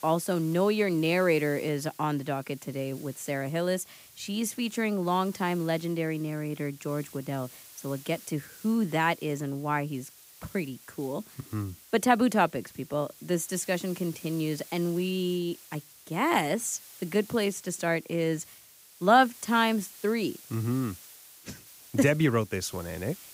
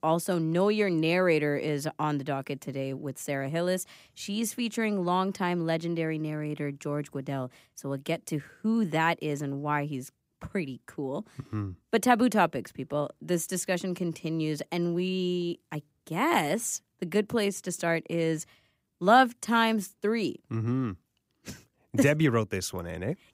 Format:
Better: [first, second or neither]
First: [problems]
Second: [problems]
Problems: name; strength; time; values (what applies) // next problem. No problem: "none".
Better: second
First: hiss; noticeable; throughout; 20 dB below the speech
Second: none